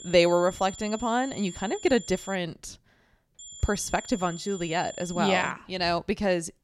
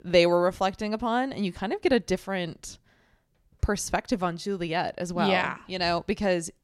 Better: second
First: high-pitched whine; noticeable; until 2.5 s and from 3.5 to 5.5 s; 7 kHz, 15 dB below the speech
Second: none

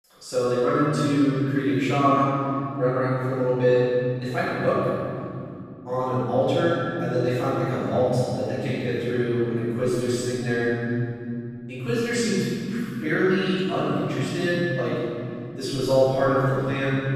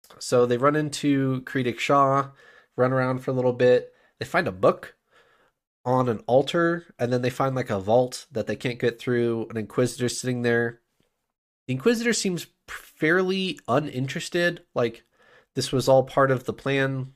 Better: second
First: room echo; strong; dies away in 3 s // off-mic speech; far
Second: none

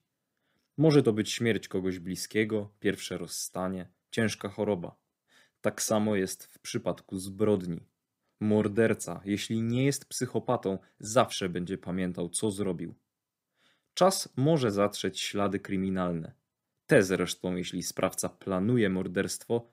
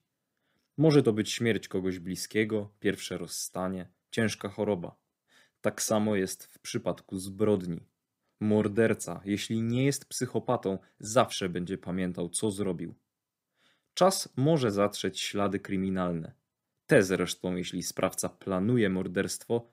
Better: neither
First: none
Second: none

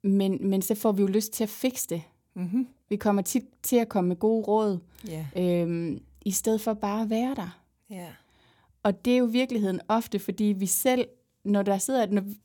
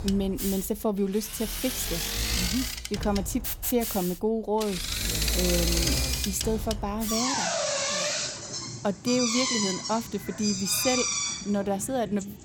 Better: first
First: none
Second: machinery noise; very loud; throughout; 1 dB above the speech

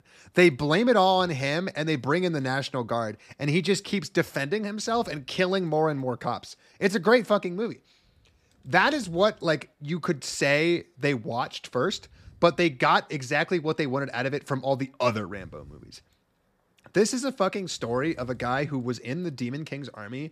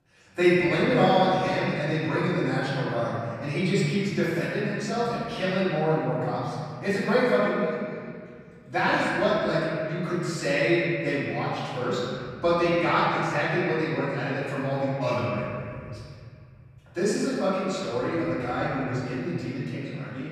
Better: first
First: none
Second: off-mic speech; far // room echo; strong; dies away in 2.6 s

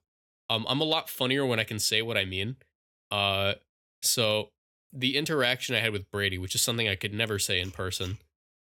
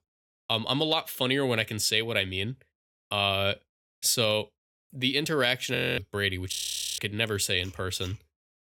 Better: first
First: none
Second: audio freezing; at 6 s and at 6.5 s

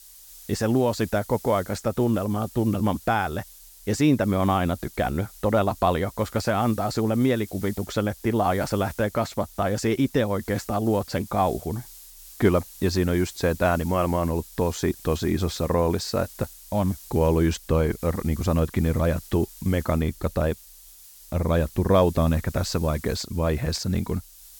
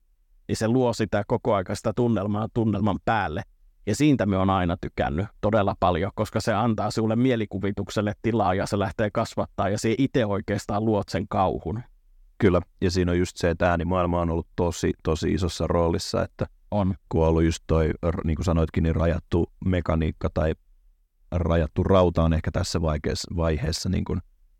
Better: second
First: hiss; noticeable; throughout; 20 dB below the speech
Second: none

